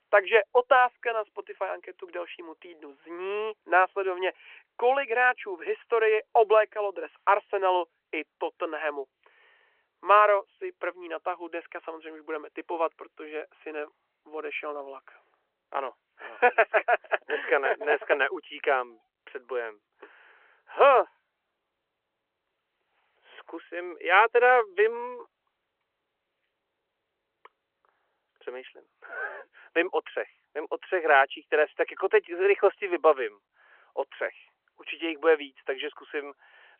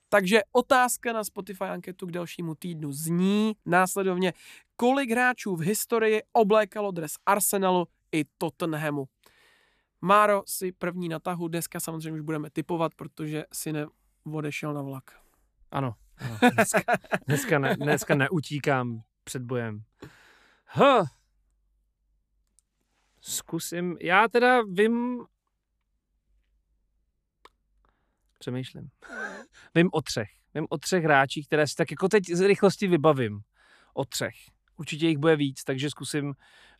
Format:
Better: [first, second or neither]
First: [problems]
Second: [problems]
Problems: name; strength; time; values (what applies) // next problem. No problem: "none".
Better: second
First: phone-call audio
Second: none